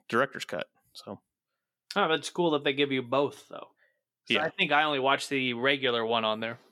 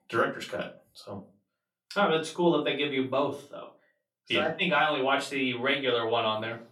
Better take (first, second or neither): first